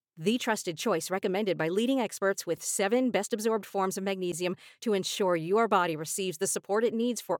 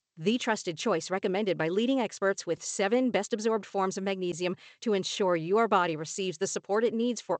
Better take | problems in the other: first | garbled, watery; slightly; nothing above 8 kHz

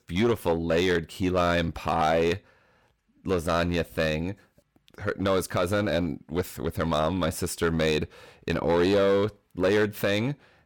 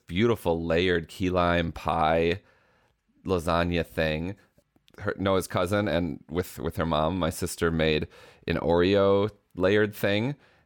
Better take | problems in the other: second | distortion; slight; 5% of the sound clipped

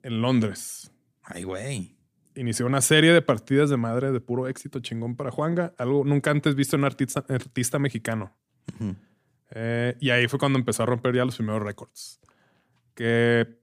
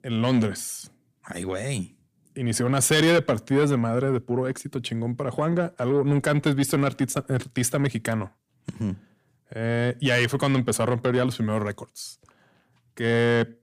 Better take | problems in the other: first | distortion; slight; 10 dB below the speech

